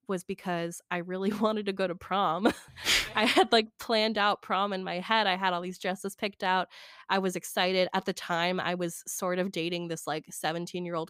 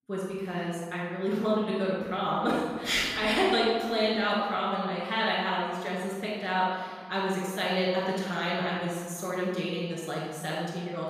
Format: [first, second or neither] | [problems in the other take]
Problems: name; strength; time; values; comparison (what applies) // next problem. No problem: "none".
first | off-mic speech; far // room echo; strong; dies away in 1.7 s